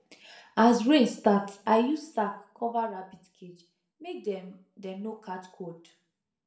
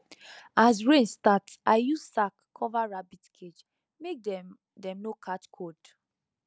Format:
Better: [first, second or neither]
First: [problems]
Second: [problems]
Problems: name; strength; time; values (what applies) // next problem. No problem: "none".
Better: second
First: room echo; dies away in 0.4 s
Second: none